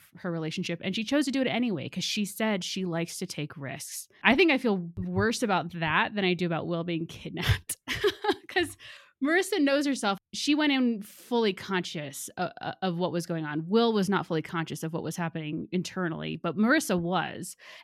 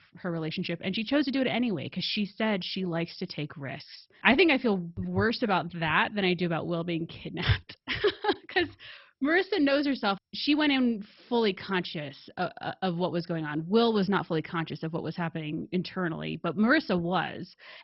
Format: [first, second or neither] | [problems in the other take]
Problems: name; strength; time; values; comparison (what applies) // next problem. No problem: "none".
first | garbled, watery; badly; nothing above 5.5 kHz